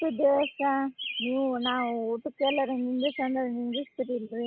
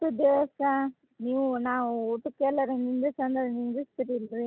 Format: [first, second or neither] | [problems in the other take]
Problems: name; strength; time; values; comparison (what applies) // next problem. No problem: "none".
second | noise reduction (neural mask model Resemble Enhance denoiser)